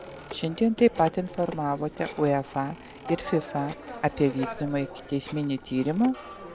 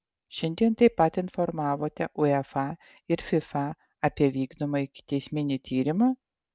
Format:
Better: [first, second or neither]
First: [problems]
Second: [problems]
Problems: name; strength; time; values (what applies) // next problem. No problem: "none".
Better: second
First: background sound (Telephone); 13 dB below the speech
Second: none